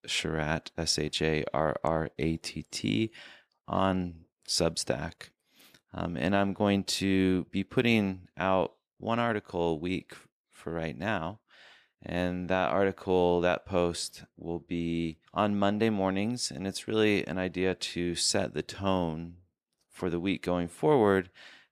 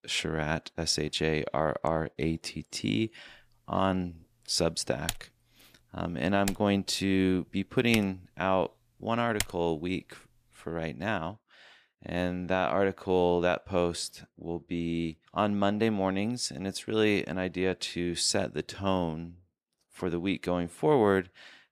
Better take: first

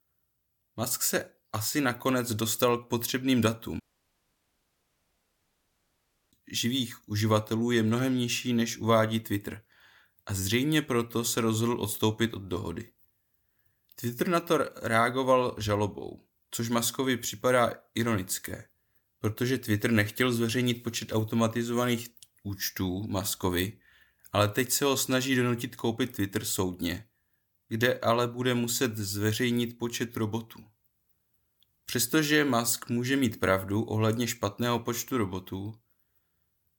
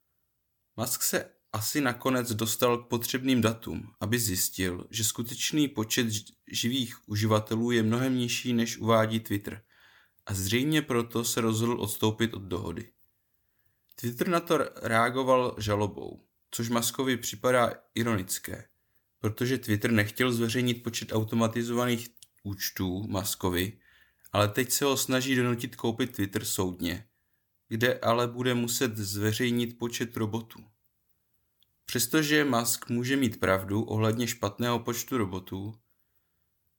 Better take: second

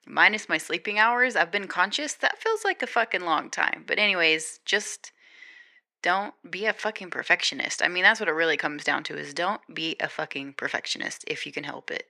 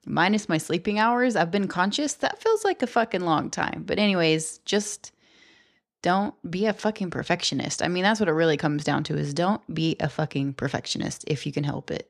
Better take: second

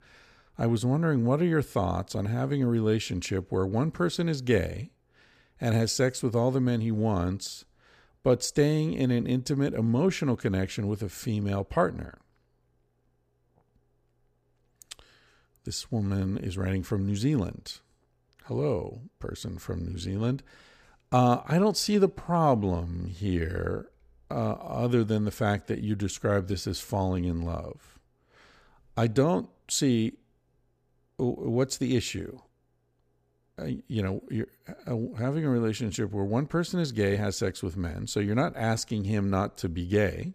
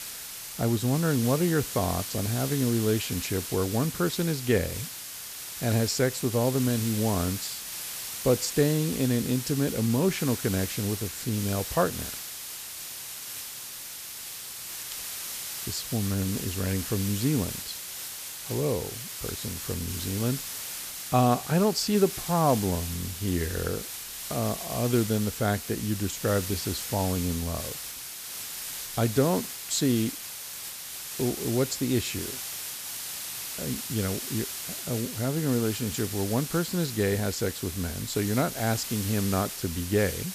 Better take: first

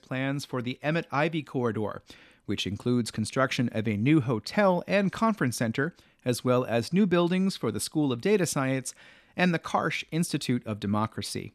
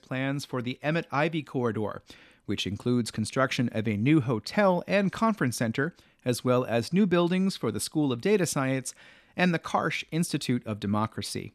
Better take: neither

